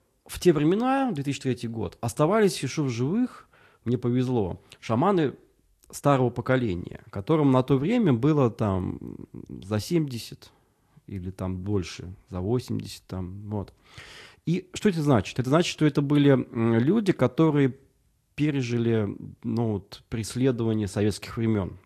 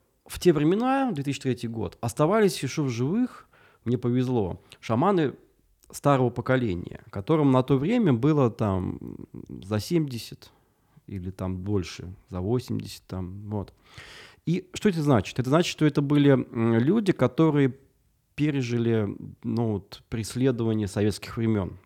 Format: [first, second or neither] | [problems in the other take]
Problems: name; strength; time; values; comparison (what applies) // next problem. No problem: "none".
second | garbled, watery; slightly